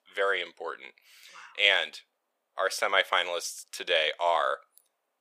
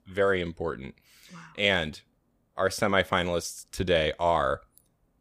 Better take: second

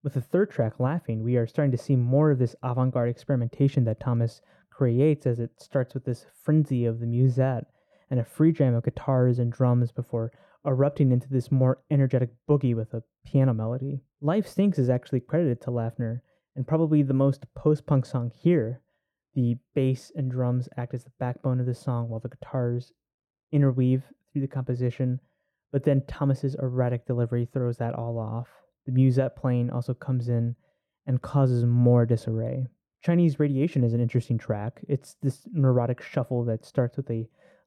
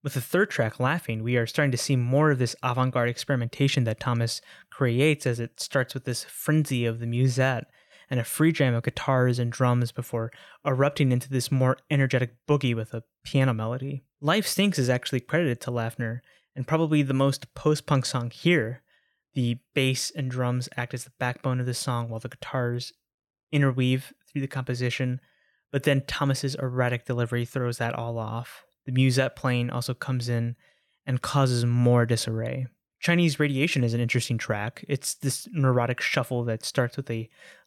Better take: second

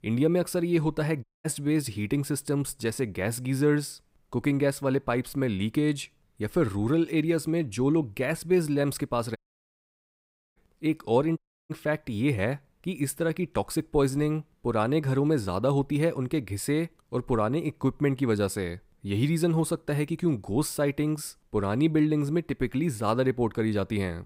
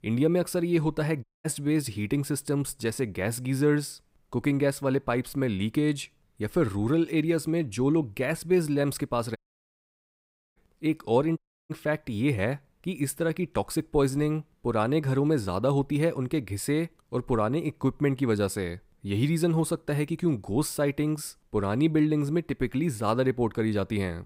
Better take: neither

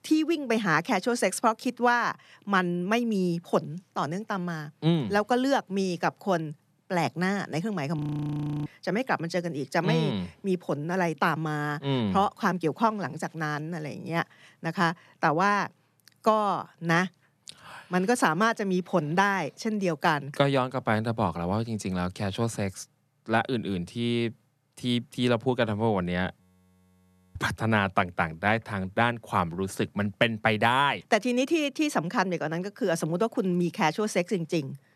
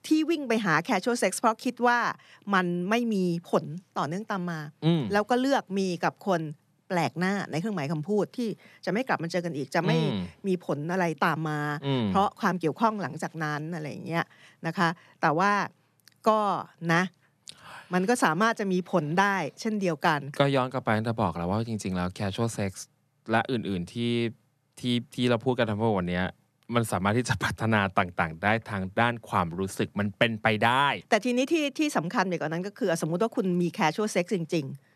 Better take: second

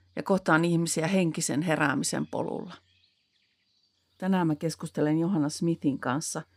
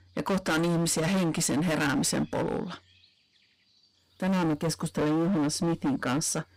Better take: first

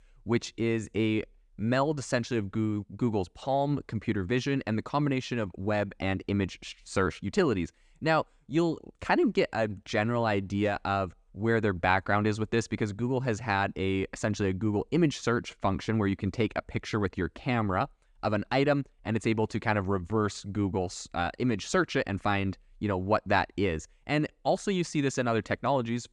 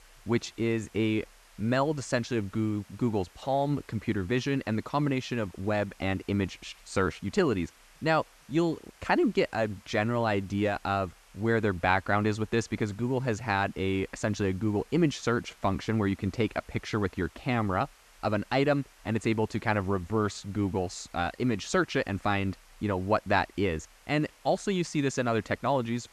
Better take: first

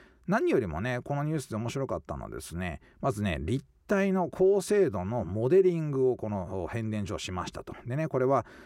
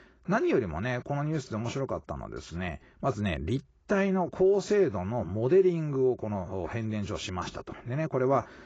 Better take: first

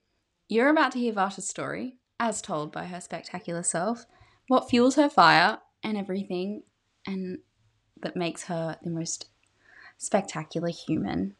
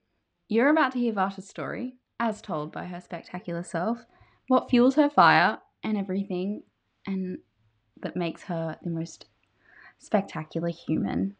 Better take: first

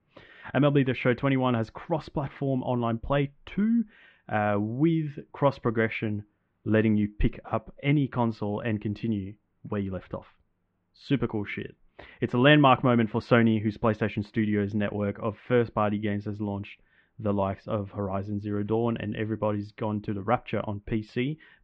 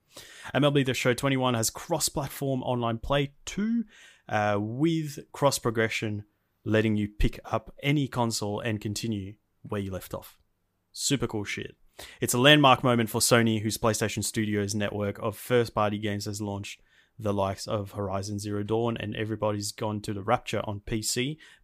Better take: second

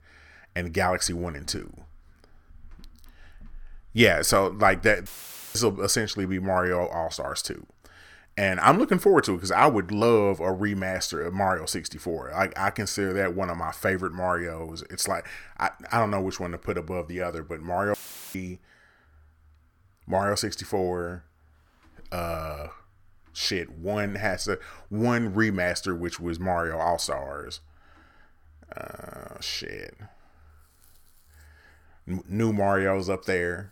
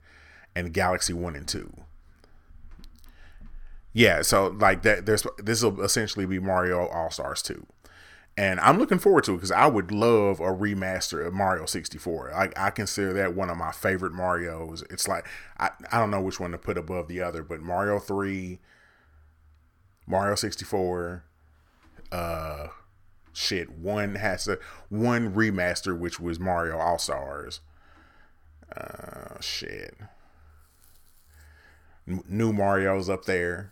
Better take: second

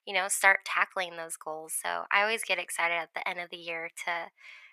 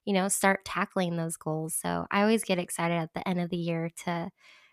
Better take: second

